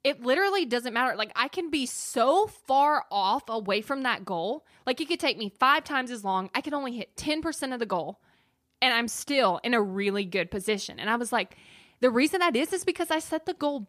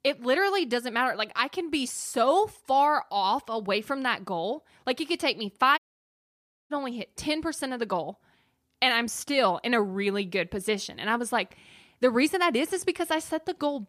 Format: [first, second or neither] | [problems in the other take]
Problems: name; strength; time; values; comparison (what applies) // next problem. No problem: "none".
first | audio cutting out; at 6 s for 1 s